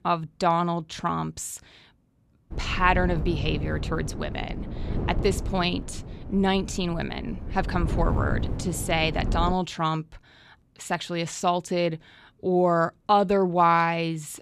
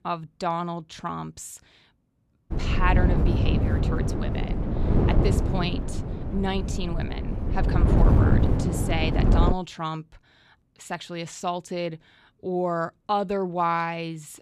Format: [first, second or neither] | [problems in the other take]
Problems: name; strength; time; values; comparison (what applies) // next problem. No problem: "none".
first | wind noise on the microphone; heavy; from 2.5 to 9.5 s; 3 dB below the speech; occasional gusts in the first